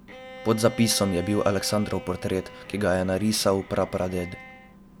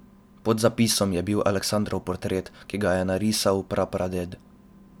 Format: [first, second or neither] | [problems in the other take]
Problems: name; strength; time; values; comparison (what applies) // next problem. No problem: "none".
second | background sound (Bowed string instrument); 16 dB below the speech